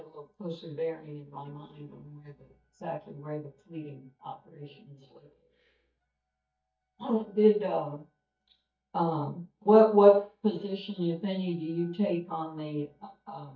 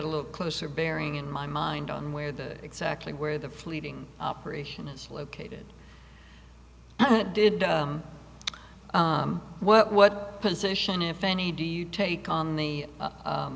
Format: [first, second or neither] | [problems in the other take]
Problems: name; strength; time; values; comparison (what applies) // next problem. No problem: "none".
second | noise reduction (neural mask model DeepFilterNet 3)